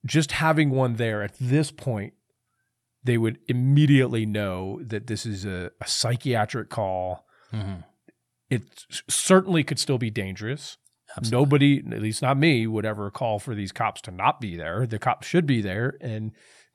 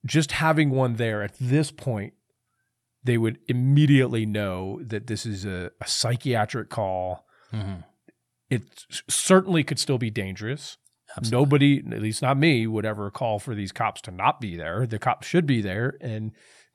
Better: neither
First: none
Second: none

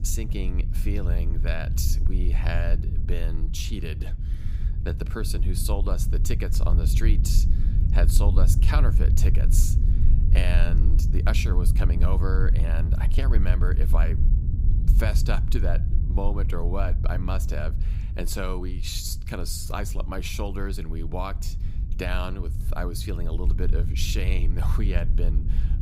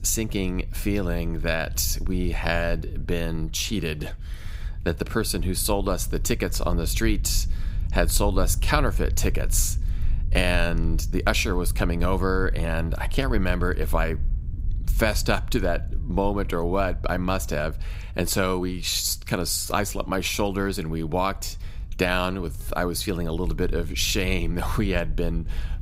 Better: second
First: low rumble; loud; throughout; 8 dB below the speech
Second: low rumble; faint; throughout; 25 dB below the speech

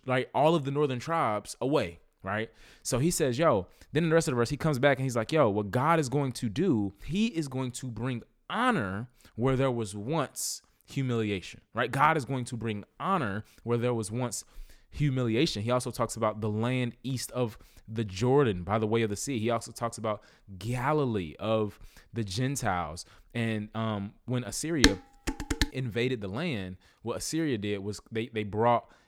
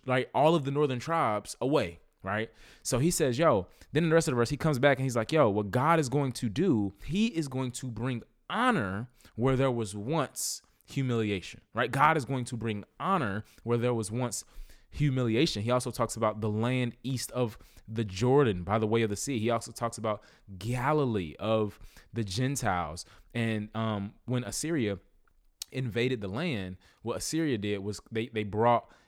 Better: second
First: clattering dishes; loud; at 25 s; peak 5 dB above the speech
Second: none

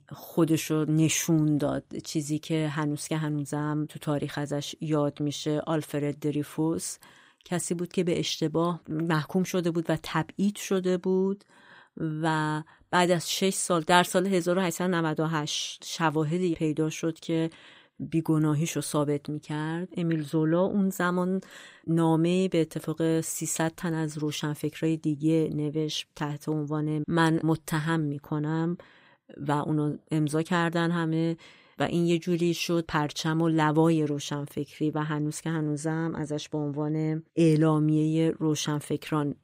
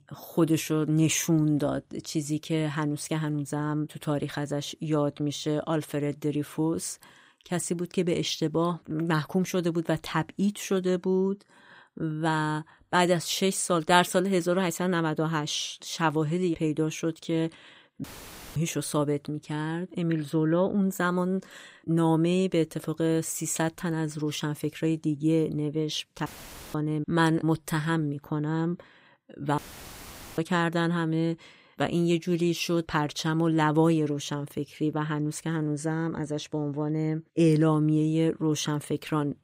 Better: first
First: none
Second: audio cutting out; filled with static; at 18 s for 0.5 s, at 26 s and at 30 s for 1 s

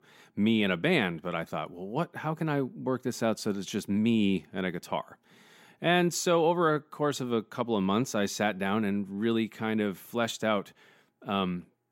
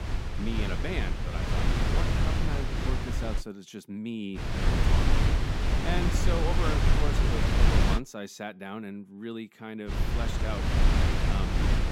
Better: first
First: none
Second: wind noise on the microphone; heavy; until 3.5 s, from 4.5 to 8 s and from 10 s on; 5 dB above the speech

